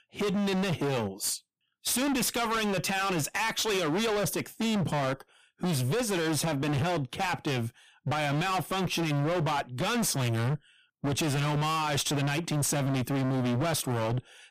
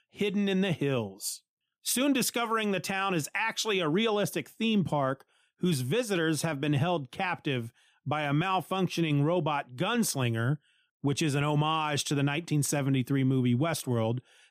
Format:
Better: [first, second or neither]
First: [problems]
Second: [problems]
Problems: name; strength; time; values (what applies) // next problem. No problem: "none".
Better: second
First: distortion; heavy; 36% of the sound clipped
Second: none